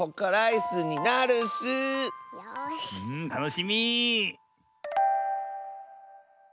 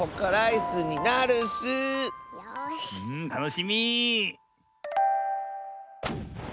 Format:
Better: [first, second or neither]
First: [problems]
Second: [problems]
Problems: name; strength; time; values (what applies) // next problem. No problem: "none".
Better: first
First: none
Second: background sound (Gunshot, gunfire); 14 dB below the speech